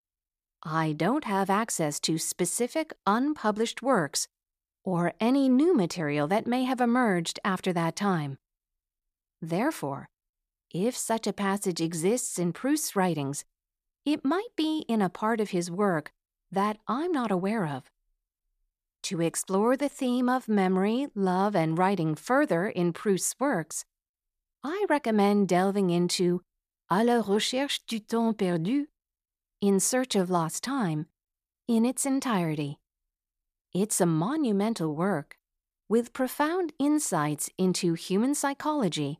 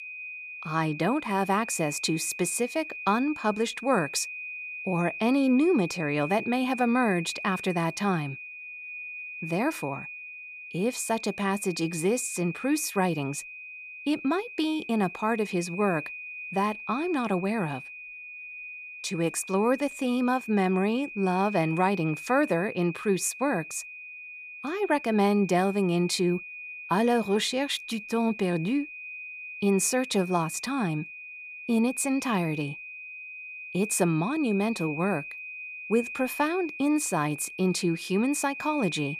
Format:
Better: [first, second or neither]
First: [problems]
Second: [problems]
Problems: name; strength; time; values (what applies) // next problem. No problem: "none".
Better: first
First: none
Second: high-pitched whine; noticeable; throughout; 2.5 kHz, 10 dB below the speech